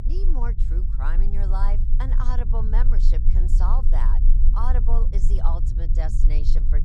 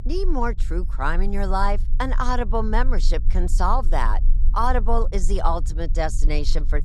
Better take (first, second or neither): second